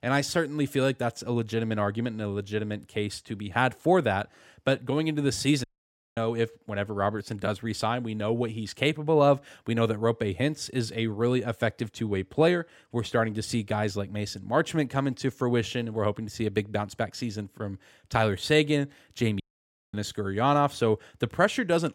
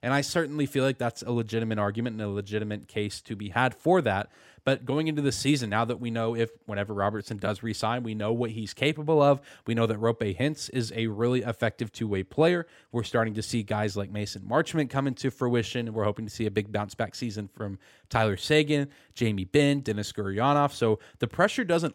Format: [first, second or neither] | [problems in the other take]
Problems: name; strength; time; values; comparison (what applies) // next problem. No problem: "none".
second | audio cutting out; at 5.5 s for 0.5 s and at 19 s for 0.5 s